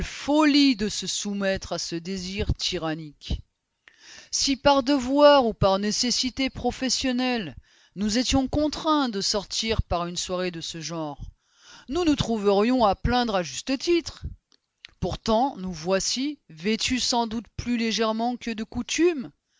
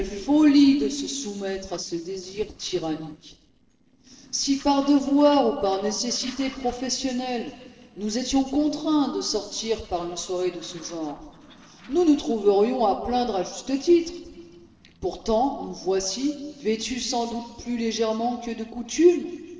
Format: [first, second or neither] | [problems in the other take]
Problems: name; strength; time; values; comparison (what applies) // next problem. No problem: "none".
first | noise reduction (neural separator model SepFormer DNS4)